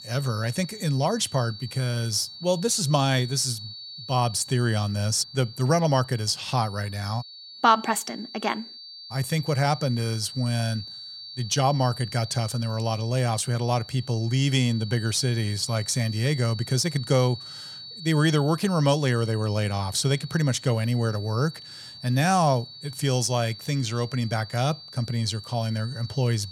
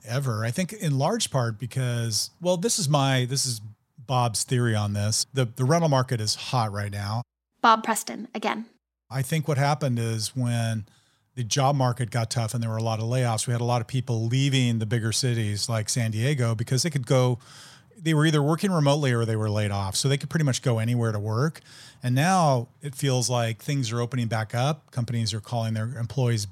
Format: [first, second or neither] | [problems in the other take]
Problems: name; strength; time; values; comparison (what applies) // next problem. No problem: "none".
second | high-pitched whine; noticeable; throughout; 4.5 kHz, 15 dB below the speech